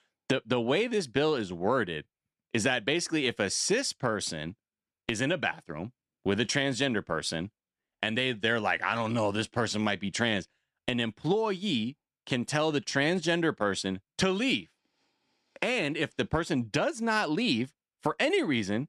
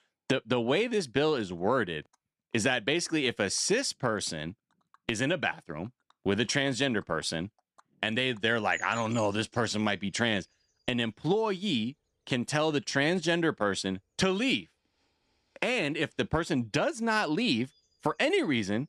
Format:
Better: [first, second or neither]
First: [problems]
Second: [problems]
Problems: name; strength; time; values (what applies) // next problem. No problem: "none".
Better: first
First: none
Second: animal sounds; faint; throughout; 25 dB below the speech